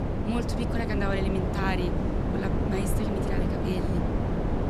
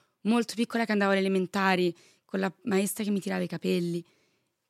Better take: second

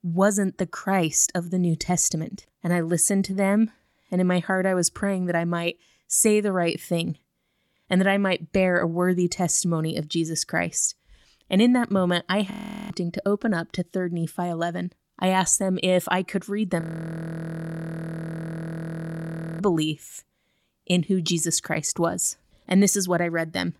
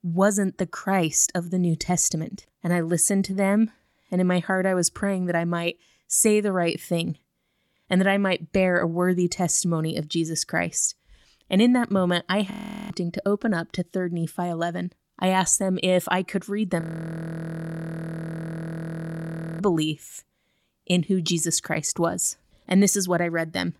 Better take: neither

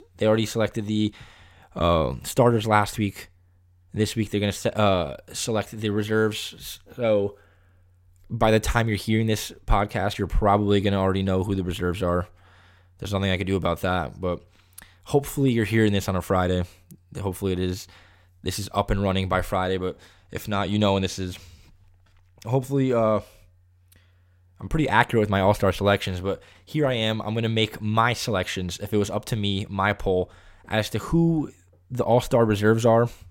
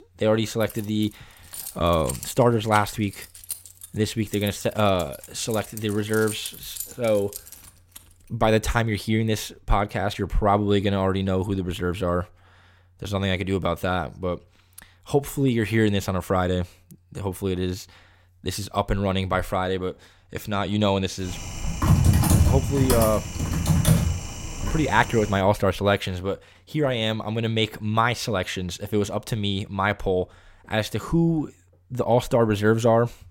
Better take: first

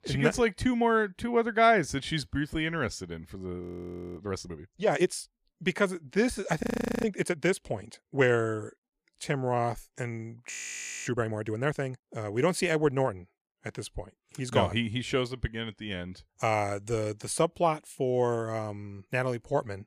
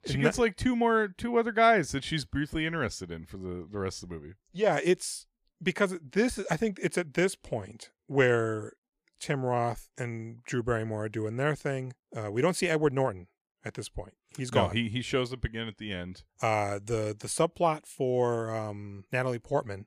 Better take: second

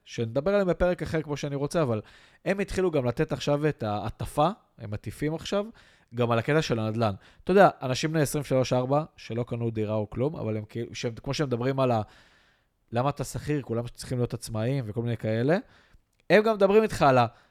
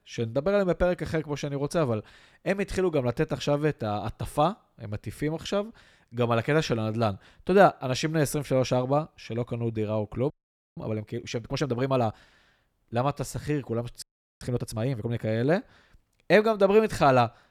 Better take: first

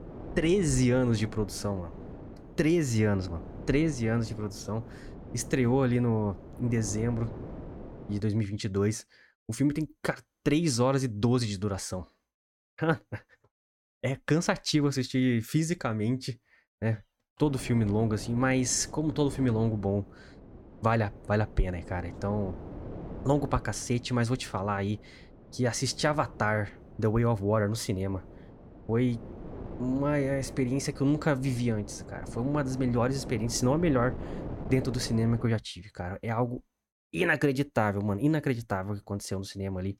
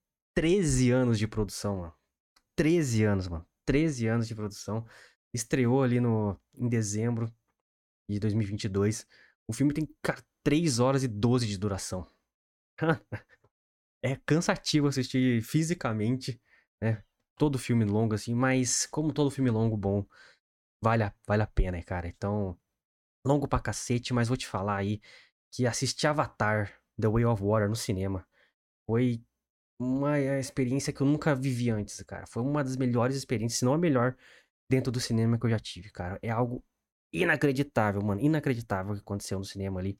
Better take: second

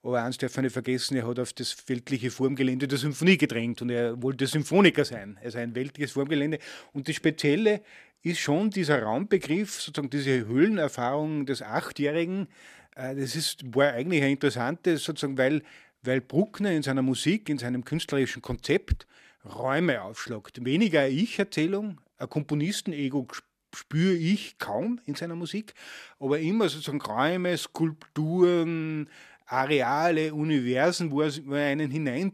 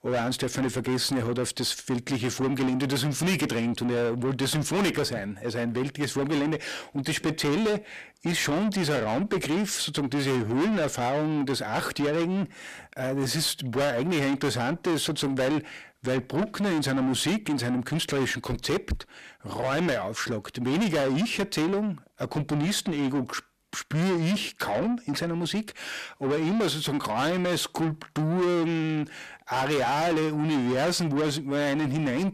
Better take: first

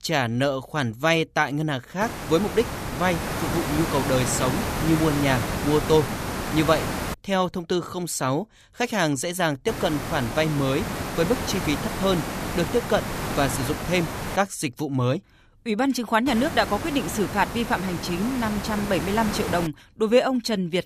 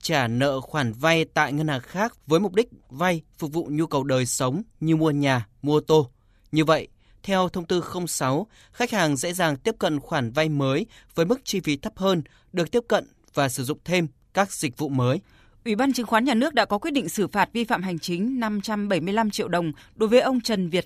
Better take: second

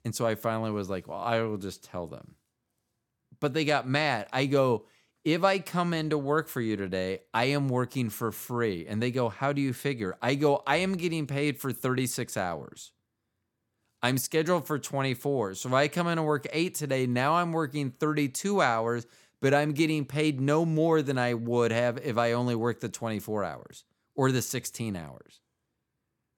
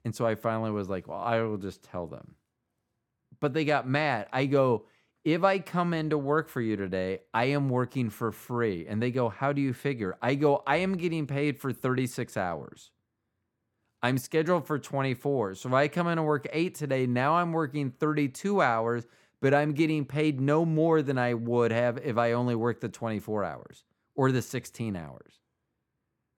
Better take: first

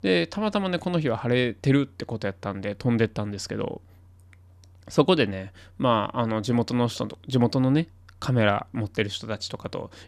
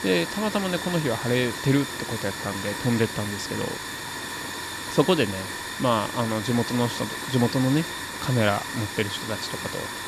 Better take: first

